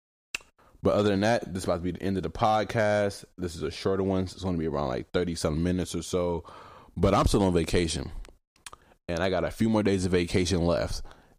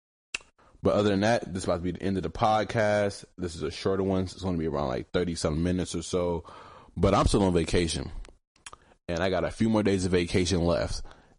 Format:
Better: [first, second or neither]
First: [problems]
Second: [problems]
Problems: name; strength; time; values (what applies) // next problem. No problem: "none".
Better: first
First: none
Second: garbled, watery; slightly; nothing above 10.5 kHz